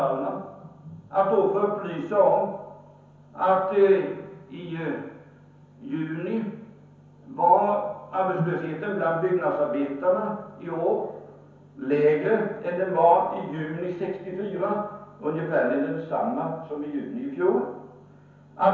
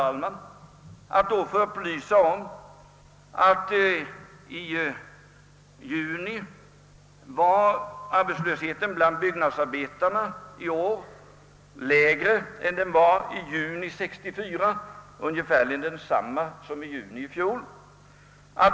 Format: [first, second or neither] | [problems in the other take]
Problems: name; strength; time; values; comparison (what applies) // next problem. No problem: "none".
second | room echo; dies away in 0.9 s